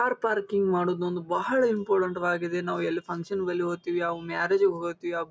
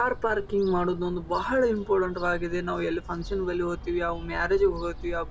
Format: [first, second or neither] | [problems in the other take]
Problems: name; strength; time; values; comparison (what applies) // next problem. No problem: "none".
first | background sound (Gull, seagull / Fowl); 11 dB below the speech